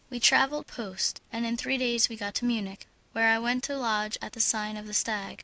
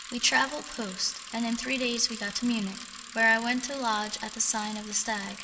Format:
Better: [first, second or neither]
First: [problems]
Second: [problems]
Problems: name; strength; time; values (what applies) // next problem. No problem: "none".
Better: first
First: none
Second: background sound (Bicycle); 13 dB below the speech // room echo; dies away in 1.8 s